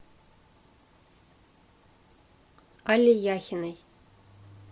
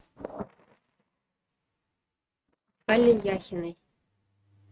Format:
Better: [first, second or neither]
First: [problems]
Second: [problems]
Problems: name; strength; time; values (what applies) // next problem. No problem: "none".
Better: first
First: none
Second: noise reduction (neural mask model RNNoise)